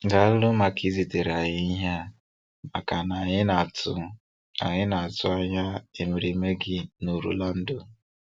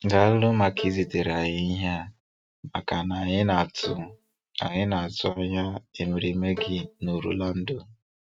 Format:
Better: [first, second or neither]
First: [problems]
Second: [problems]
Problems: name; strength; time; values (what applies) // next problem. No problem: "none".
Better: first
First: none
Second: noise reduction (neural mask model RNNoise)